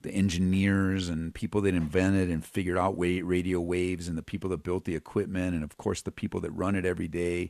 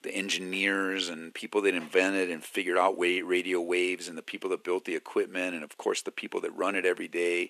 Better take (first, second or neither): first